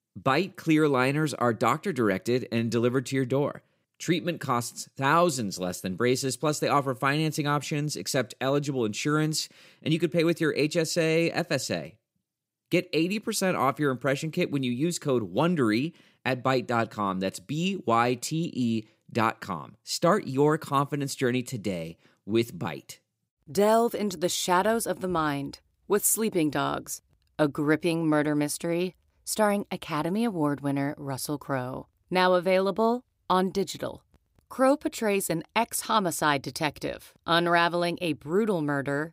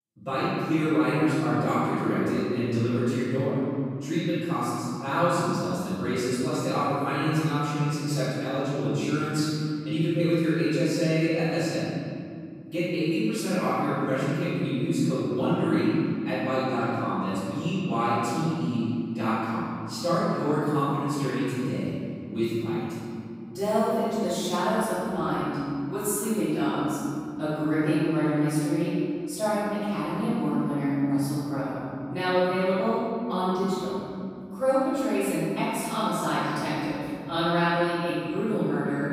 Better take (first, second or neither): first